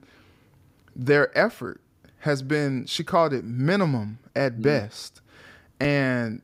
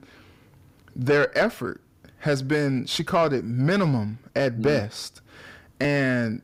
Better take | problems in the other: first | distortion; slight; 10 dB below the speech

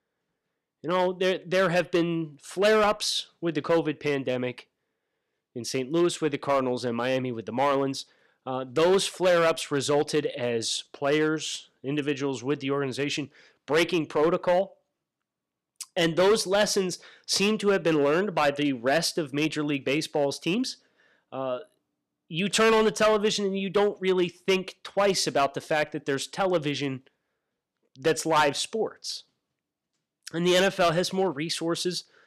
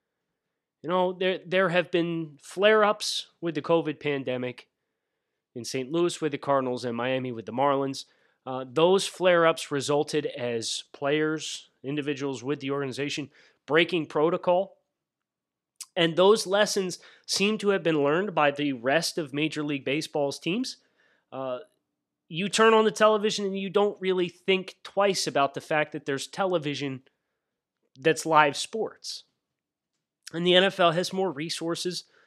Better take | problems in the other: second | distortion; slight; 4% of the sound clipped

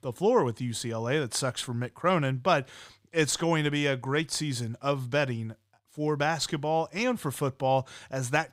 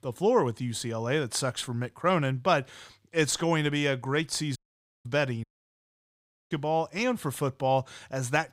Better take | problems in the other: first | audio cutting out; at 4.5 s and at 5.5 s for 1 s

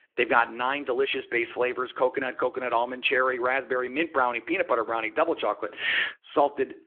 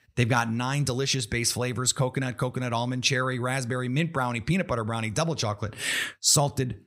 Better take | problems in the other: second | phone-call audio; nothing above 3.5 kHz

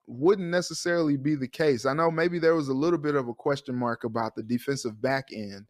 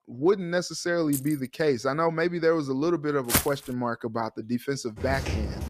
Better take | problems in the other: first | jangling keys; noticeable; at 1 s; peak 9 dB below the speech // footsteps; loud; at 3.5 s; peak 2 dB above the speech // footsteps; noticeable; at 5 s; peak 4 dB below the speech

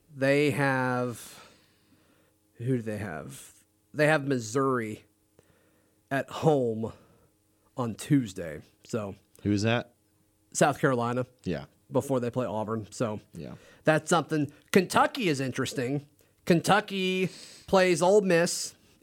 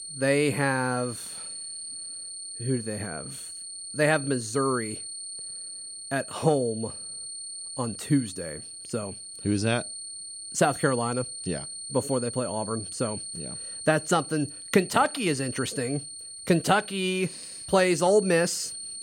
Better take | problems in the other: first | high-pitched whine; loud; throughout; 9 kHz, 9 dB below the speech

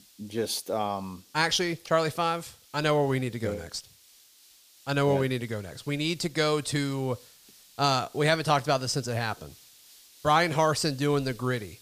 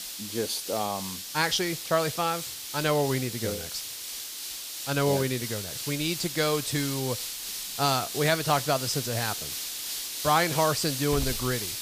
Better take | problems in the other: first | hiss; loud; throughout; 5 dB below the speech; faint in the first

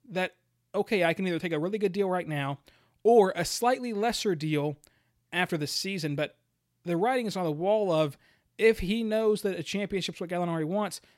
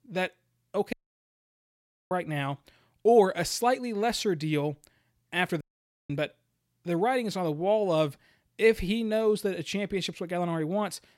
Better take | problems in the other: first | audio cutting out; at 1 s for 1 s and at 5.5 s

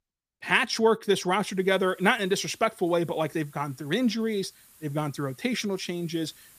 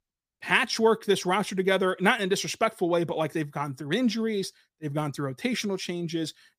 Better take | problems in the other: second | hiss; faint; from 1.5 s on; 25 dB below the speech

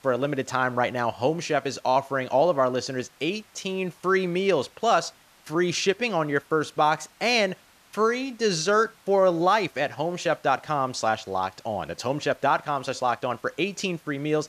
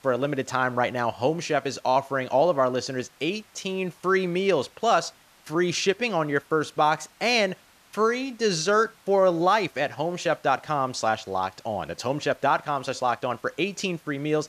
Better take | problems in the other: neither | hiss; faint; throughout; 30 dB below the speech; the same in both

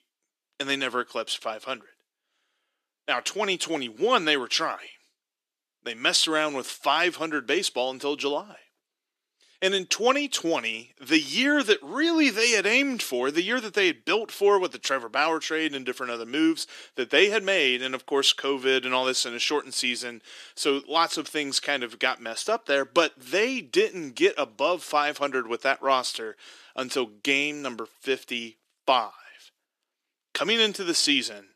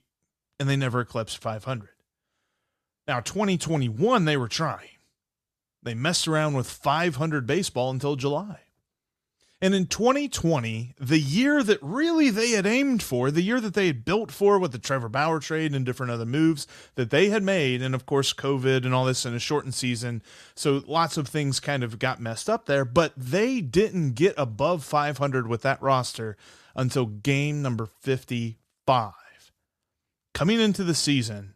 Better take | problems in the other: second | thin; somewhat; fading below 300 Hz

